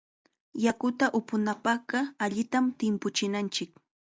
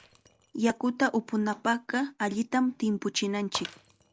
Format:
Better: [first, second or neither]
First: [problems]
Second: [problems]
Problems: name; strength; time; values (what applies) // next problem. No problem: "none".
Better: first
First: none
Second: background sound (Shatter); 20 dB below the speech